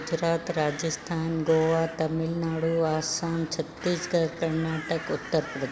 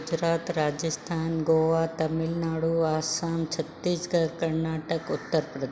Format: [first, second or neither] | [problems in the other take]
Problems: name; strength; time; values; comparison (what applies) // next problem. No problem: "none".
second | background sound (Crow); 16 dB below the speech